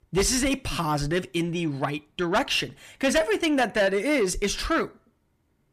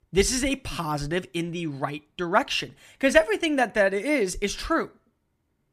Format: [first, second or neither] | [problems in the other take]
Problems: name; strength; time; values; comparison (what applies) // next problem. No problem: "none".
second | distortion; heavy; 8 dB below the speech